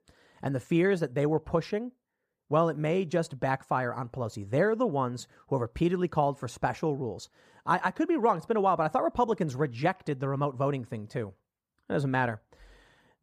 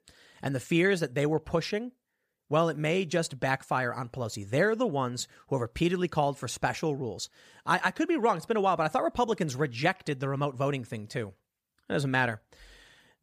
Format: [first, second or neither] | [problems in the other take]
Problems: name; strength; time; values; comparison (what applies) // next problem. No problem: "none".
second | muffled; slightly; fading above 1.5 kHz